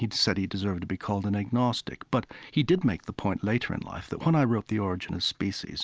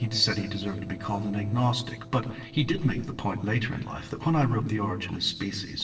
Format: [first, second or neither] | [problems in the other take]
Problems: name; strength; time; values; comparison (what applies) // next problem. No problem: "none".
first | noise reduction (neural separator model SepFormer DNS4)